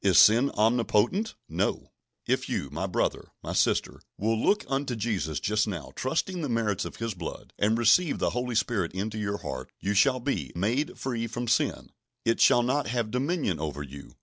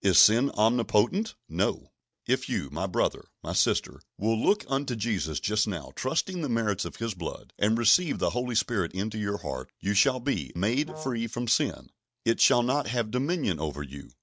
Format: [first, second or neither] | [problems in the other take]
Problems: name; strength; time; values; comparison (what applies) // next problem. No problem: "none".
first | noise reduction (neural mask model RNNoise)